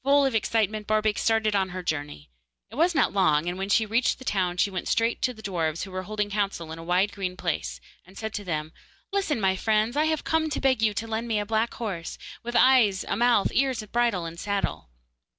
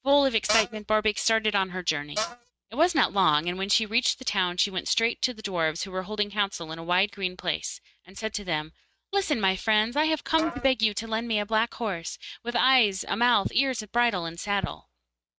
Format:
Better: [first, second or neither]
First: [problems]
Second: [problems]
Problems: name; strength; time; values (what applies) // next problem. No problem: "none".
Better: first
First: none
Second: noise reduction (neural mask model RNNoise)